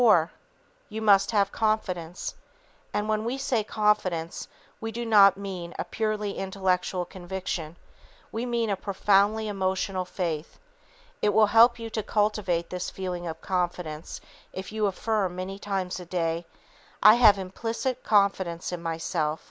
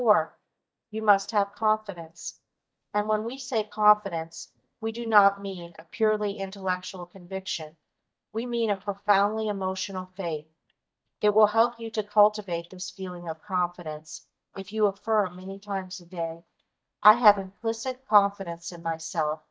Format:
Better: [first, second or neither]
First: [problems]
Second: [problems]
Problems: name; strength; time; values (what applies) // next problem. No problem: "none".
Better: first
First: none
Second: noise reduction (neural mask model DeepFilterNet 3)